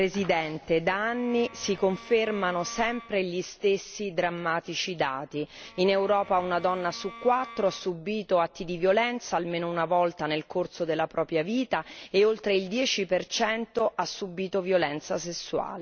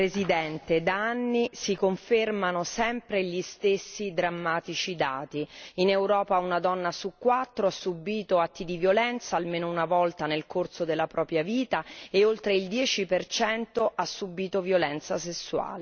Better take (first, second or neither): second